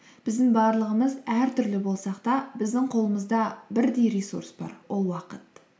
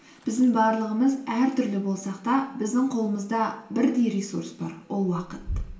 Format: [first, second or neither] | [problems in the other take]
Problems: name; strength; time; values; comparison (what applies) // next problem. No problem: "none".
first | background sound (Toilet flush); 16 dB below the speech // room echo; dies away in 1.3 s